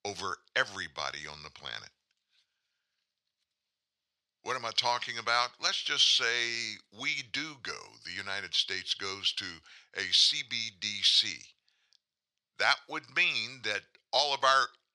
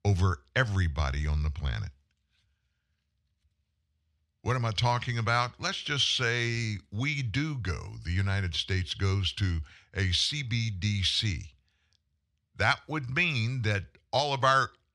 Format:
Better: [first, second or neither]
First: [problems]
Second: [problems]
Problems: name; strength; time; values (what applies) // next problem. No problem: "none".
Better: second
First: thin; very; fading below 500 Hz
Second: none